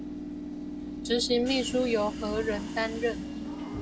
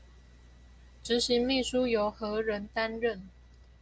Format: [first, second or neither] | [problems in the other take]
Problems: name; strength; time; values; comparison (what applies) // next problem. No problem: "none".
second | background sound (Subway, metro, underground / Train); 6 dB below the speech